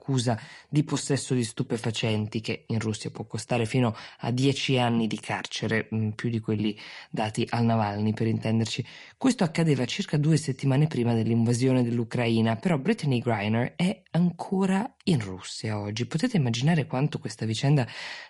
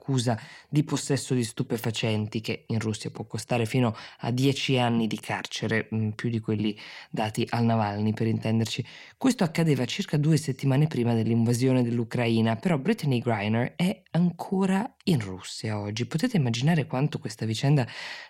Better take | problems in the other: second | garbled, watery; slightly; nothing above 11 kHz

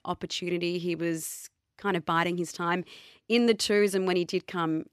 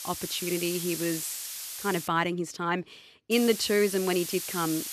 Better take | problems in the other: first | hiss; loud; until 2 s and from 3.5 s on; 6 dB below the speech

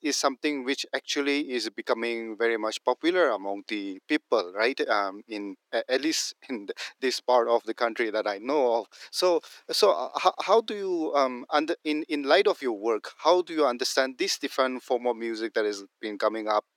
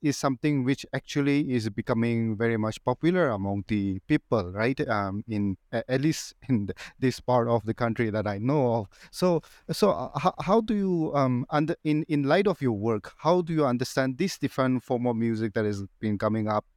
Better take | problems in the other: second | thin; somewhat; fading below 350 Hz

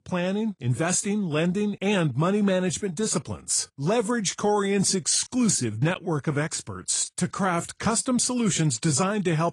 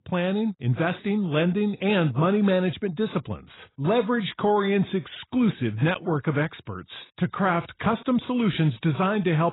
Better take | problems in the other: first | garbled, watery; badly; nothing above 4 kHz; slightly in the first

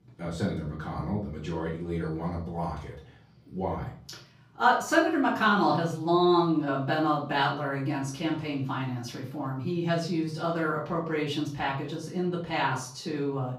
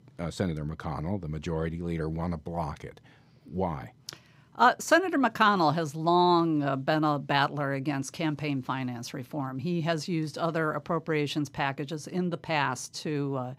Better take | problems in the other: second | room echo; slight; dies away in 0.4 s // off-mic speech; far

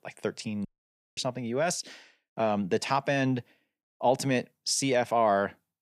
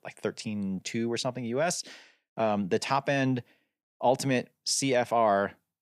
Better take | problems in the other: second | audio cutting out; at 0.5 s for 0.5 s

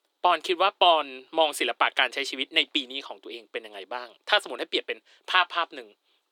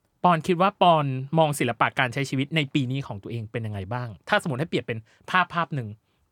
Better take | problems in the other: second | thin; very; fading below 350 Hz

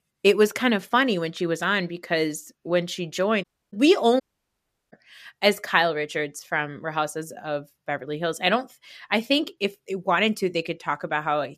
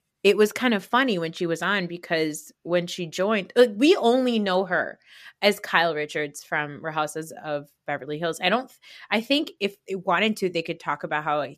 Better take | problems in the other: second | audio cutting out; at 3.5 s and at 4 s for 0.5 s

